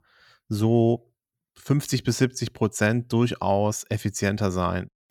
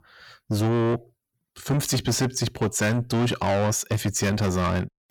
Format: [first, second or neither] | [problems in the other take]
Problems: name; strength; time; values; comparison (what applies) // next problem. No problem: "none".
first | distortion; heavy; 6 dB below the speech